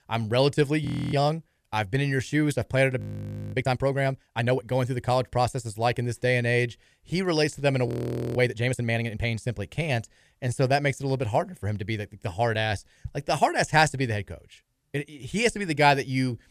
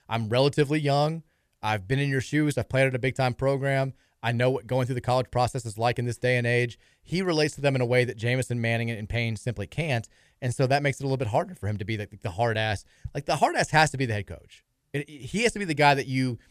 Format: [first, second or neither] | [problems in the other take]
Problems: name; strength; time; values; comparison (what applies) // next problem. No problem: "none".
second | audio freezing; at 1 s, at 3 s for 0.5 s and at 8 s